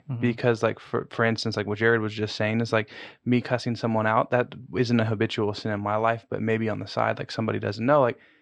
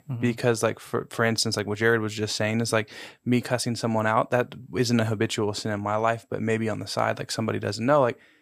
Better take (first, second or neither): second